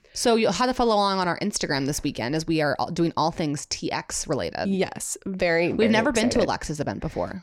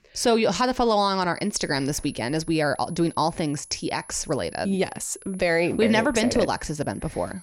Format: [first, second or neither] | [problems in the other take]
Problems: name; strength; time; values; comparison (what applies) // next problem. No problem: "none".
first | high-pitched whine; faint; from 1.5 s on; 10.5 kHz, 20 dB below the speech